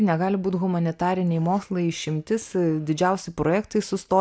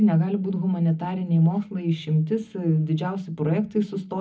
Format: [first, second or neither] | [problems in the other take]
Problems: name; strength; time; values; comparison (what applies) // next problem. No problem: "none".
first | room echo; dies away in 0.4 s